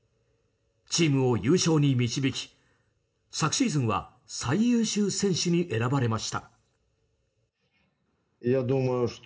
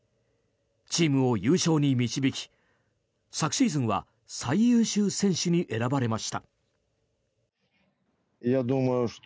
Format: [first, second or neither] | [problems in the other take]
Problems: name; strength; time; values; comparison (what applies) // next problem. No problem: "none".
second | room echo; dies away in 0.4 s